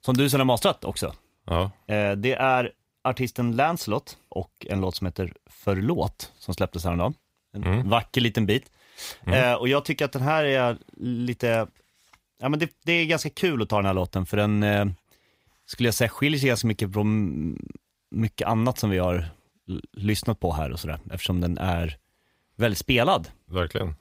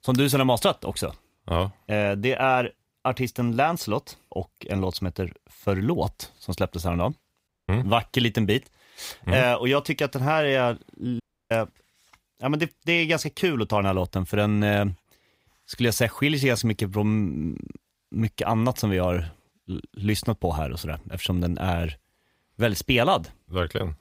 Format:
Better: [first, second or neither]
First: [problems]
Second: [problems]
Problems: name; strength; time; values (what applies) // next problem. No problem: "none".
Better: first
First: none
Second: audio cutting out; at 7.5 s and at 11 s